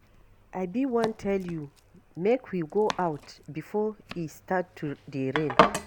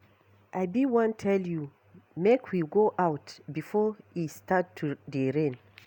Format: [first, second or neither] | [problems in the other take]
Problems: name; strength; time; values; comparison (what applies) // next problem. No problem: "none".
second | background sound (Domestic sounds, home sounds); 3 dB below the speech